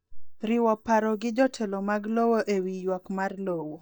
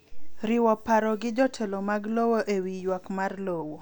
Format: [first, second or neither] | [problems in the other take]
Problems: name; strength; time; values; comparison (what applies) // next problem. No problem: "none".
second | noise reduction (neural mask model DeepFilterNet 3)